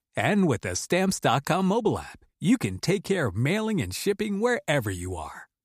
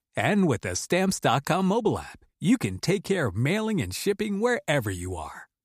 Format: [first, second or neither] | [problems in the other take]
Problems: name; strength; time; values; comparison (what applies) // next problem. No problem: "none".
neither | none